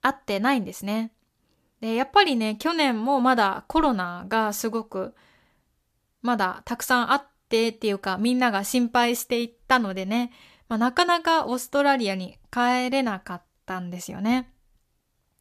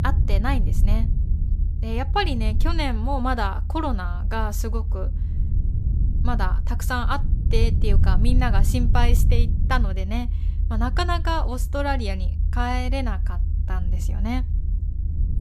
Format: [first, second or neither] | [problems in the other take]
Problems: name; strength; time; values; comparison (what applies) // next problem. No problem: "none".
first | low rumble; noticeable; throughout; 15 dB below the speech